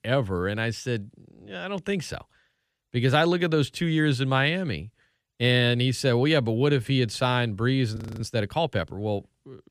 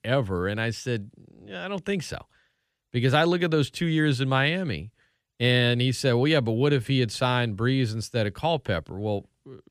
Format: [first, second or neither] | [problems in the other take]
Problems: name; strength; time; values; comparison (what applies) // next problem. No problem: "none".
second | audio freezing; at 8 s